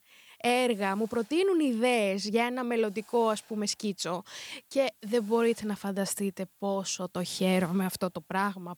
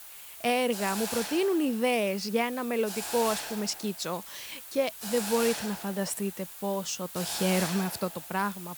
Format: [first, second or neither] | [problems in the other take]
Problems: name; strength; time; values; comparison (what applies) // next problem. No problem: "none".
first | hiss; loud; throughout; 7 dB below the speech; faint in the first